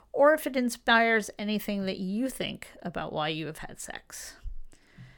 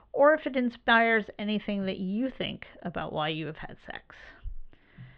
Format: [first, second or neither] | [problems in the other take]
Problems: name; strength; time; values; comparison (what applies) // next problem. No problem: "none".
first | muffled; very; fading above 3.5 kHz